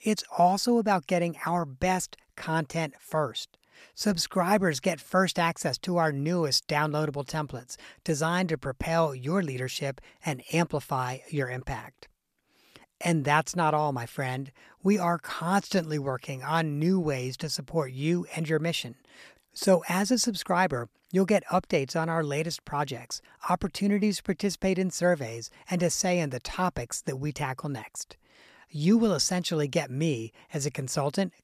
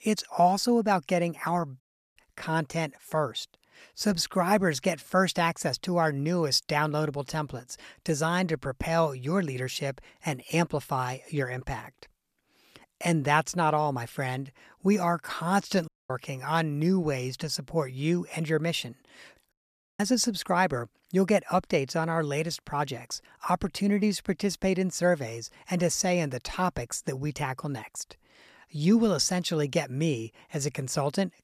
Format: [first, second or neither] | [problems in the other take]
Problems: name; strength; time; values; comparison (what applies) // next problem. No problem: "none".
first | audio cutting out; at 2 s, at 16 s and at 20 s